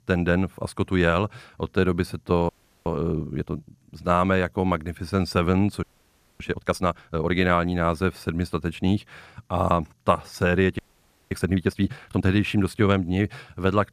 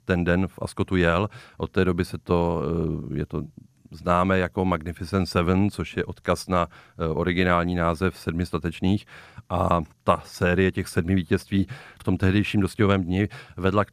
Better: second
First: audio freezing; at 2.5 s, at 6 s for 0.5 s and at 11 s for 0.5 s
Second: none

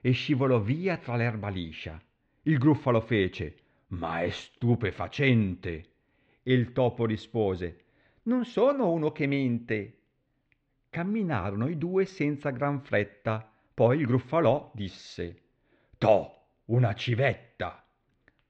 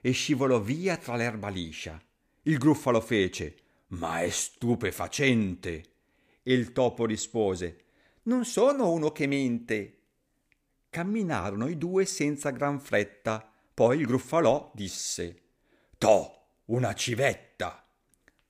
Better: second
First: muffled; slightly; fading above 3.5 kHz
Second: none

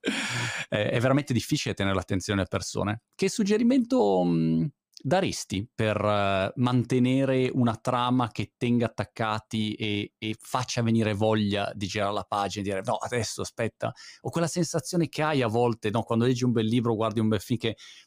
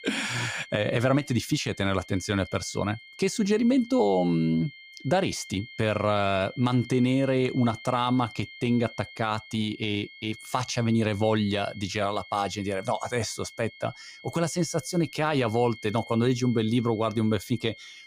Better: first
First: none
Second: high-pitched whine; noticeable; throughout; 2 kHz, 20 dB below the speech

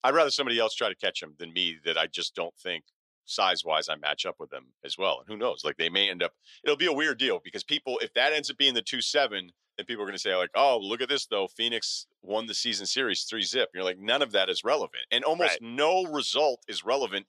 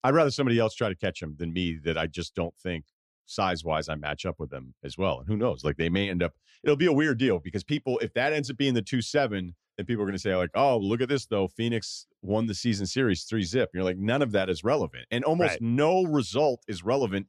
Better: second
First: thin; somewhat; fading below 550 Hz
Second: none

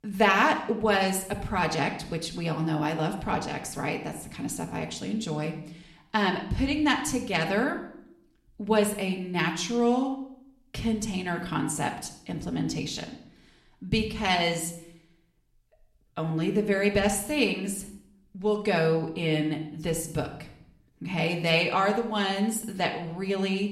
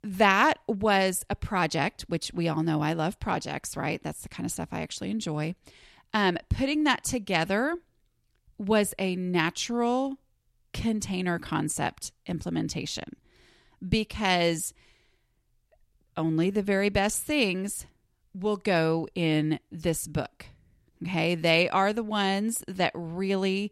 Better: second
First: room echo; slight; dies away in 0.6 s // off-mic speech; somewhat distant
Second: none

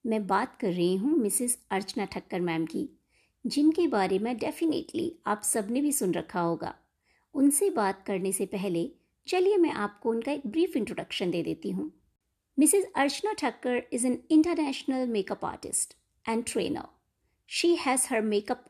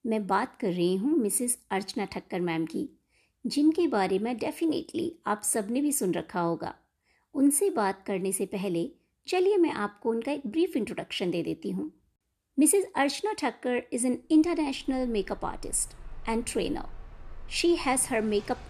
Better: first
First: none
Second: train or aircraft noise; faint; from 15 s on; 20 dB below the speech

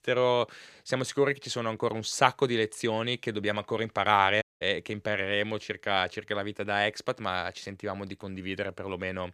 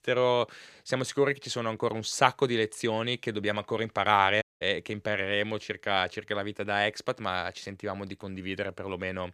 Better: neither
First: audio cutting out; at 4.5 s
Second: audio cutting out; at 4.5 s

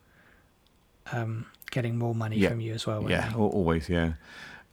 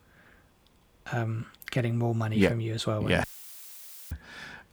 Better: first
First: none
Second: audio cutting out; filled with static; at 3 s for 1 s

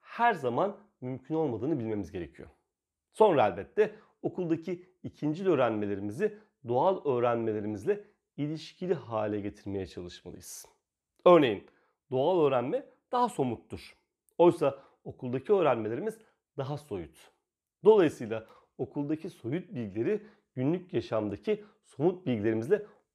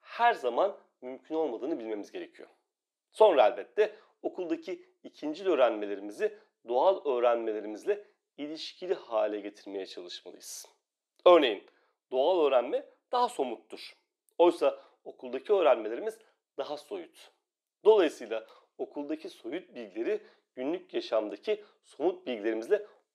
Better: first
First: none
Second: thin; somewhat; fading below 300 Hz

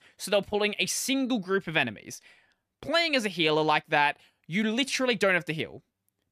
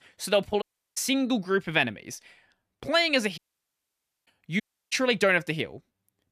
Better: first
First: none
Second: audio cutting out; at 0.5 s, at 3.5 s for 1 s and at 4.5 s

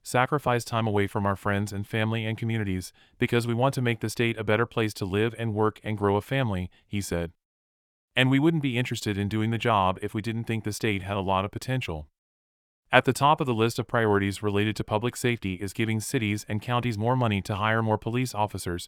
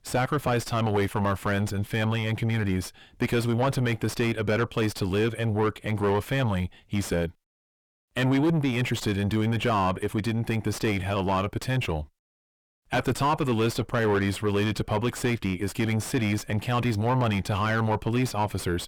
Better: first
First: none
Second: distortion; heavy; 5 dB below the speech

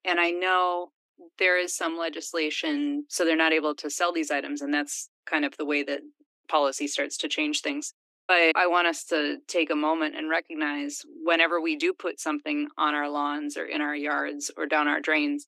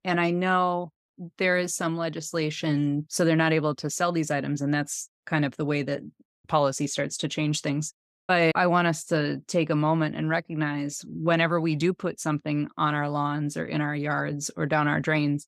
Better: second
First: thin; very slightly; fading below 300 Hz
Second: none

